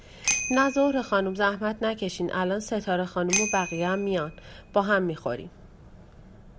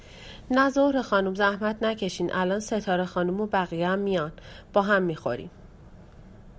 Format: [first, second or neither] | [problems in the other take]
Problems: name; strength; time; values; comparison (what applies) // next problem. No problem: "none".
second | background sound (Bicycle bell); 8 dB below the speech